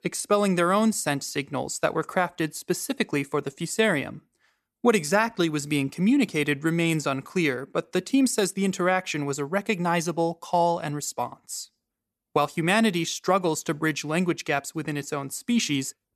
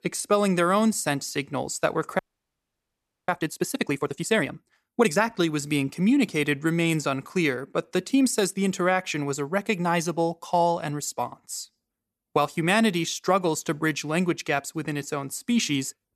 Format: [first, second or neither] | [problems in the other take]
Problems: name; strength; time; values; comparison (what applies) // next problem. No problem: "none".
first | audio freezing; at 2 s for 1 s